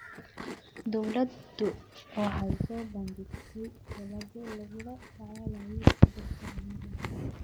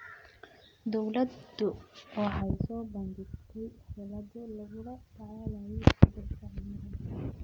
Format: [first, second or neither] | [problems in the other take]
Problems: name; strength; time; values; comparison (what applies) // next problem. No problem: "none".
second | background sound (Chewing, mastication); 16 dB below the speech